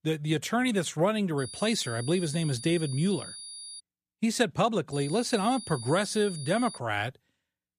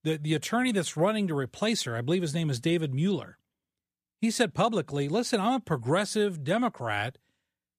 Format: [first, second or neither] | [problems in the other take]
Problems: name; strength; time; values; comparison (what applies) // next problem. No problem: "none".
second | high-pitched whine; noticeable; from 1.5 to 4 s and from 5 to 7 s; 9.5 kHz, 10 dB below the speech